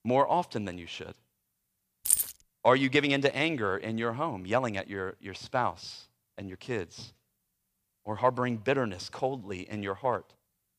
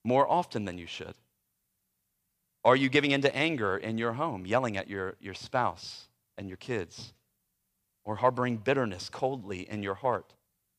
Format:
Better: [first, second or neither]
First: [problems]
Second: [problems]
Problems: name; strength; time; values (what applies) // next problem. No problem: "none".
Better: second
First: jangling keys; loud; at 2 s; peak 5 dB above the speech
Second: none